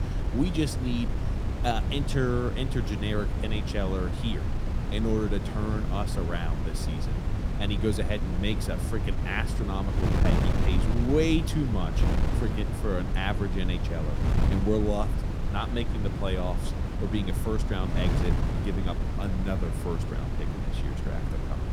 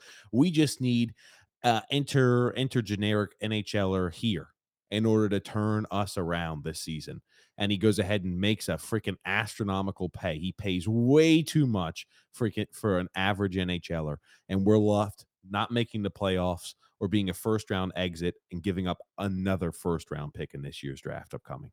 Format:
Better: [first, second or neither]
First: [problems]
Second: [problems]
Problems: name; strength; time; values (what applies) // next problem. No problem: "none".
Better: second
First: wind noise on the microphone; heavy; 4 dB below the speech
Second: none